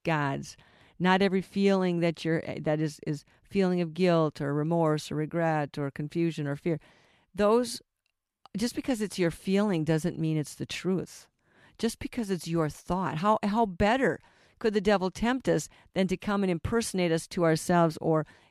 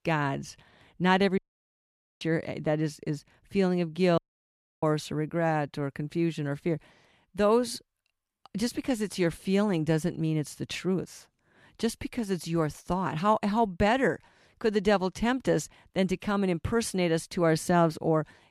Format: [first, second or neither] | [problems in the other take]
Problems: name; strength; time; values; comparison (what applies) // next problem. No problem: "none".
first | audio cutting out; at 1.5 s for 1 s and at 4 s for 0.5 s